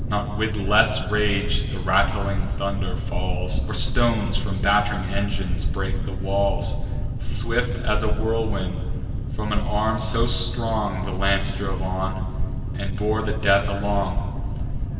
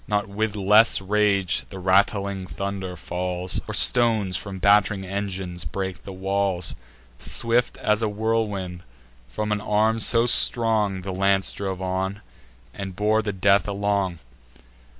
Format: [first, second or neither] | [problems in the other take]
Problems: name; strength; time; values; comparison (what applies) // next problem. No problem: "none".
second | background sound (Boat, Water vehicle); 1 dB above the speech // room echo; dies away in 2.2 s